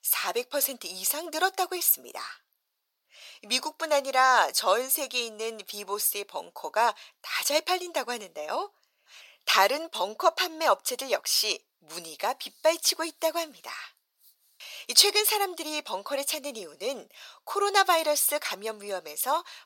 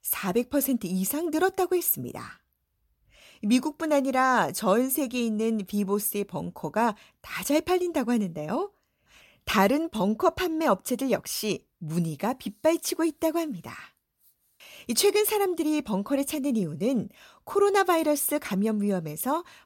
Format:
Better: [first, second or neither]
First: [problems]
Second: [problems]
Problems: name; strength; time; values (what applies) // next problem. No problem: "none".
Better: second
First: thin; very; fading below 550 Hz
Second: none